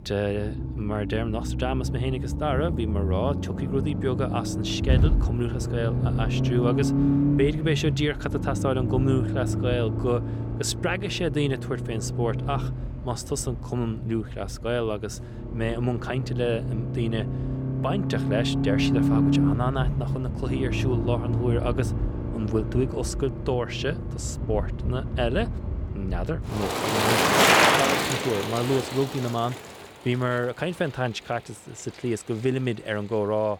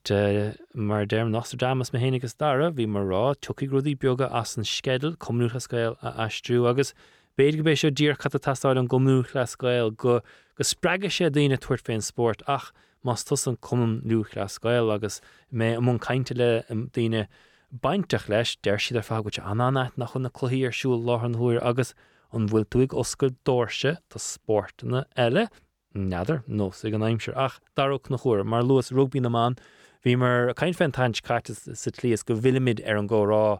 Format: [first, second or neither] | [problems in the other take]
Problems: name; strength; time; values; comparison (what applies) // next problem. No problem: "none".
second | traffic noise; very loud; throughout; 2 dB above the speech